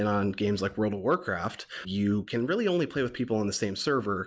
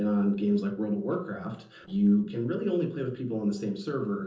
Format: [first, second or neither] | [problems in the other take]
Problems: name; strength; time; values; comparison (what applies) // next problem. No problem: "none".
first | noise reduction (neural separator model SepFormer DNS4)